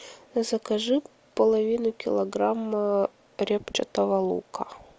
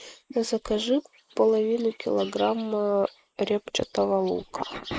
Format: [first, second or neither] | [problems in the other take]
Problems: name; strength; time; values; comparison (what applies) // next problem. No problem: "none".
first | noise reduction (neural mask model Resemble Enhance denoiser)